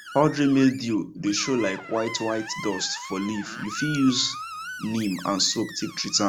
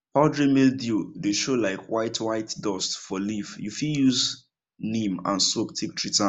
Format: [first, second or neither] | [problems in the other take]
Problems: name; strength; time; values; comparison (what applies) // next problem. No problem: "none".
second | background sound (Screech); 13 dB below the speech